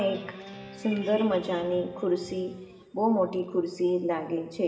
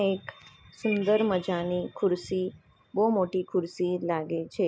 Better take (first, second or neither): second